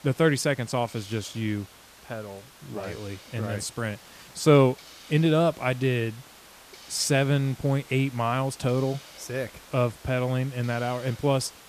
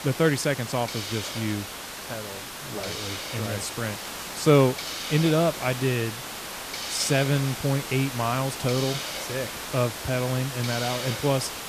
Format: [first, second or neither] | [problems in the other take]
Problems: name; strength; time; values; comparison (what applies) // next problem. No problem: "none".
first | hiss; loud; throughout; 6 dB below the speech; faint in the first